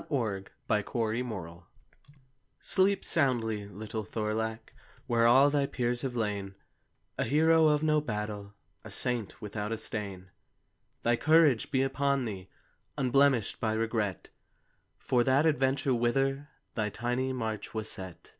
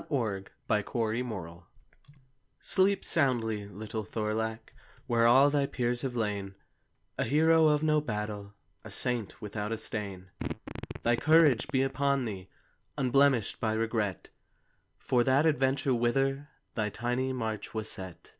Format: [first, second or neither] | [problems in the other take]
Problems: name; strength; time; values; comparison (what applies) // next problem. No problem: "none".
first | background sound (Fart); 9 dB below the speech